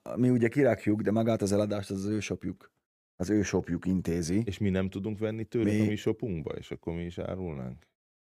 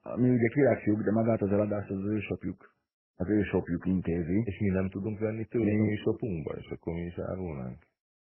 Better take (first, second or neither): first